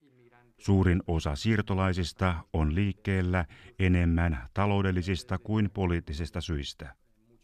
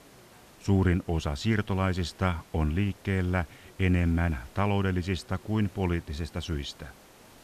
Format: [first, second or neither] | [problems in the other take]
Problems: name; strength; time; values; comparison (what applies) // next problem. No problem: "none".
first | hiss; faint; throughout; 25 dB below the speech